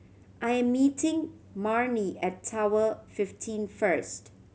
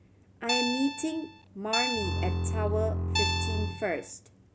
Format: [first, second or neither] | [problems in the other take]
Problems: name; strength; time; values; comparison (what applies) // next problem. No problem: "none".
first | background sound (Bowed string instrument + Guitar); 3 dB above the speech